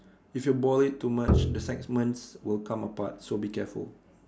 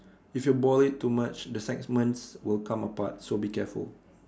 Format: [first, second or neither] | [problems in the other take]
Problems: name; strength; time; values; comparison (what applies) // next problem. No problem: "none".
second | background sound (Bowed string instrument); 1 dB above the speech